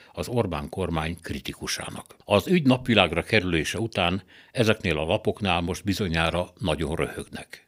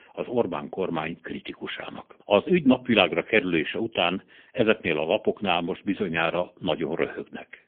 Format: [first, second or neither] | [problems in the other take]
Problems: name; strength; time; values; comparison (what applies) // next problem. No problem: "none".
first | phone-call audio; poor line; nothing above 3.5 kHz